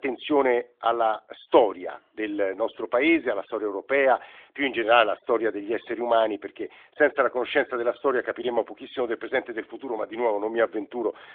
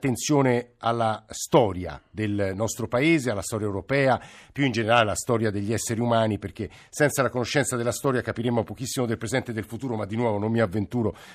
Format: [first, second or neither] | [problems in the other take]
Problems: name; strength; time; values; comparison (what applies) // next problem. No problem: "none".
second | phone-call audio; nothing above 3.5 kHz